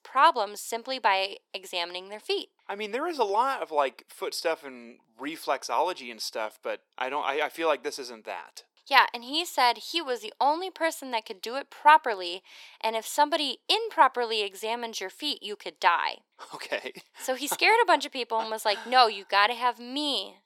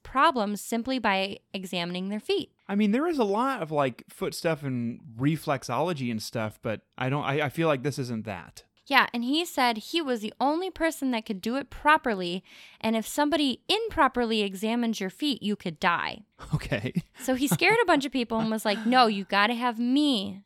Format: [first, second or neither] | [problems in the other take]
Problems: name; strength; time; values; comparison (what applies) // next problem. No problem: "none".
second | thin; very; fading below 400 Hz